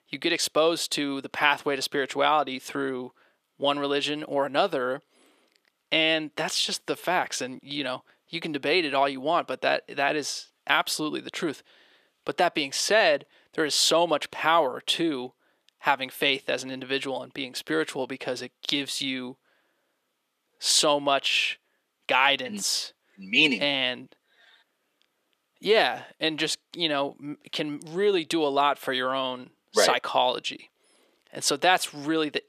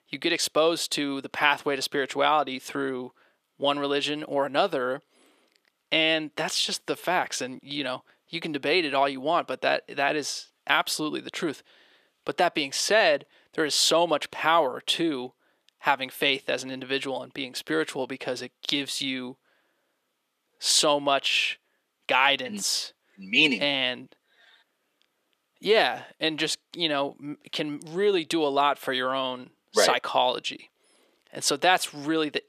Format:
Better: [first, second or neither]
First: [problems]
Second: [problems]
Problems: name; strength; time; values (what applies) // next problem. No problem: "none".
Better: neither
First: thin; somewhat; fading below 450 Hz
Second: thin; somewhat; fading below 450 Hz